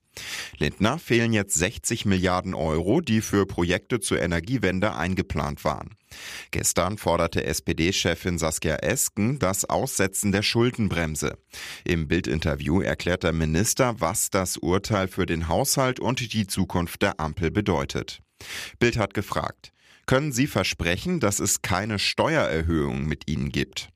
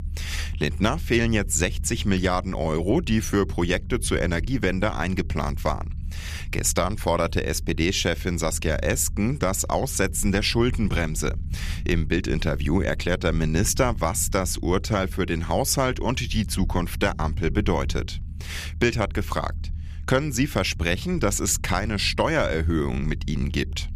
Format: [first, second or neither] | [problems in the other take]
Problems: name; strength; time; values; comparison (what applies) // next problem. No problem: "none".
first | low rumble; faint; throughout; 25 dB below the speech